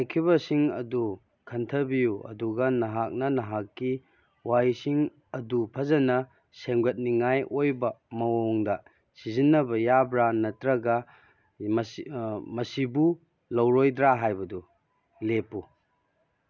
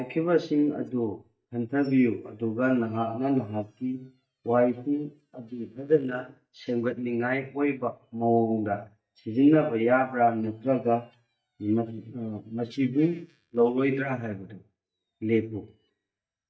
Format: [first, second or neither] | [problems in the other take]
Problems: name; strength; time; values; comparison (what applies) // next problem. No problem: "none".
first | noise reduction (neural mask model DeepFilterNet 3)